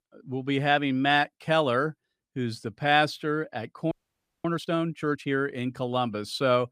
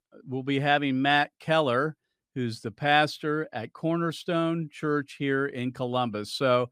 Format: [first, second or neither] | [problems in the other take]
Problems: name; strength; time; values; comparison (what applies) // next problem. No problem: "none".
second | audio freezing; at 4 s for 0.5 s